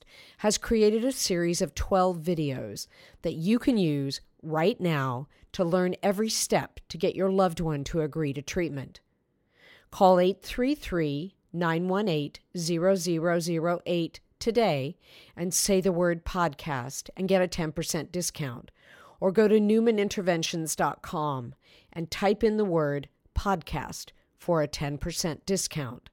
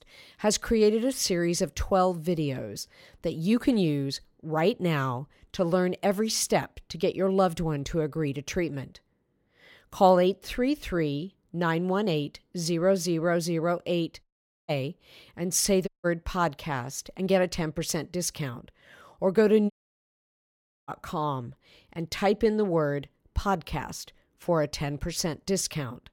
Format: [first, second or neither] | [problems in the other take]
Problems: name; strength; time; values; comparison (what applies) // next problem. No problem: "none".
first | audio cutting out; at 14 s, at 16 s and at 20 s for 1 s